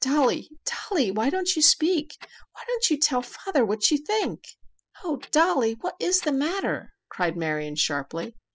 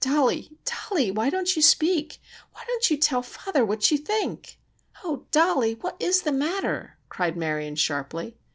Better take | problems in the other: second | noise reduction (classical method spectral subtraction)

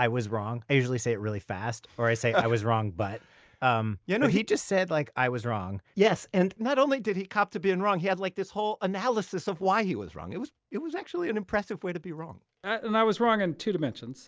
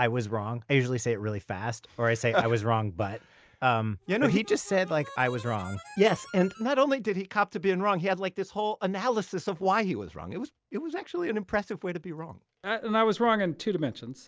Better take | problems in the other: first | background sound (Harmonica); 19 dB below the speech

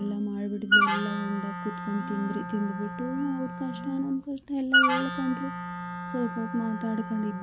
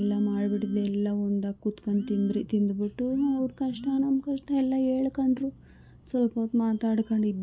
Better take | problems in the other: second | background sound (Wind instrument, woodwind instrument); 1 dB above the speech

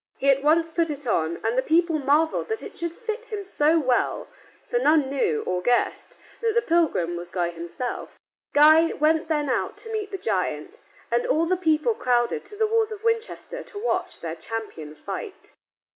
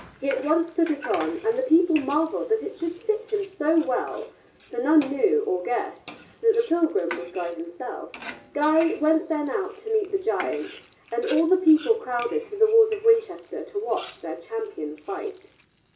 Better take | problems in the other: first | background sound (Frying (food)); 20 dB below the speech // room echo; dies away in 0.5 s

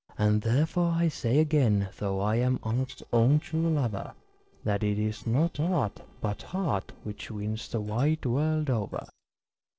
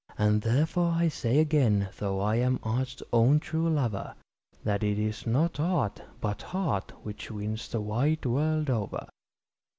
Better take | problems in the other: second | noise reduction (neural separator model SepFormer DNS4)

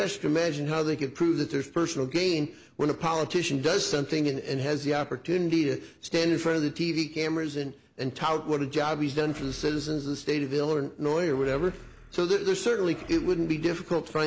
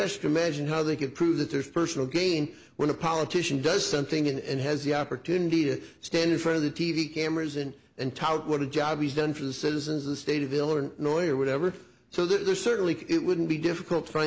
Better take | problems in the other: second | background sound (Animal); 19 dB below the speech

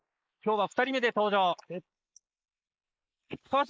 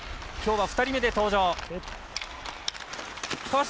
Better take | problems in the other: second | noise reduction (neural mask model Resemble Enhance denoiser)

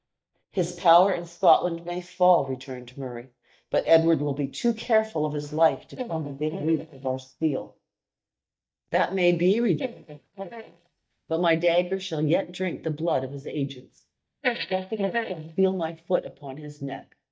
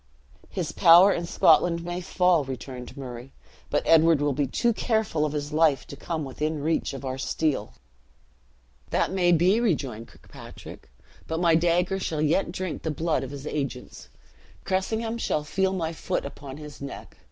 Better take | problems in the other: second | noise reduction (neural mask model DeepFilterNet 3)

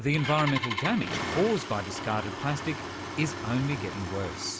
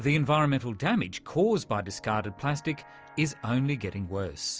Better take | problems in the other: second | background sound (Engine starting); 6 dB below the speech

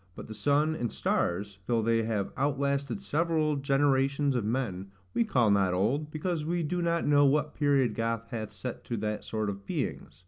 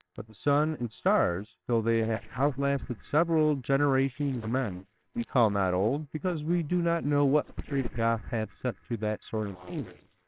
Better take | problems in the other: first | noise reduction (neural separator model SepFormer WHAMR!)

